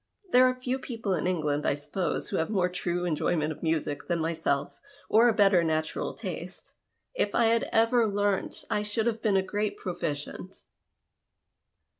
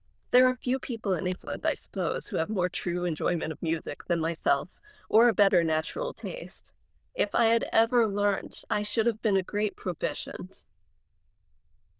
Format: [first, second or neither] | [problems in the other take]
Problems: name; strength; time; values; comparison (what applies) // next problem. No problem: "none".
first | noise reduction (neural diffusion model UNIVERSE++)